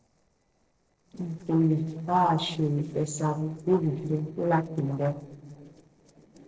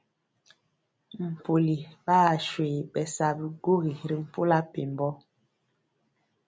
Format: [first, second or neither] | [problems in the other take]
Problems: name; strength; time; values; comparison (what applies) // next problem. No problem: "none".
second | noise reduction (neural separator model SepFormer DNS4)